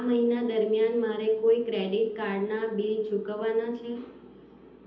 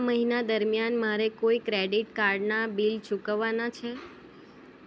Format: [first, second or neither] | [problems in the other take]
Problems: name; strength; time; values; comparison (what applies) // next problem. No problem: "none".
second | room echo; dies away in 0.8 s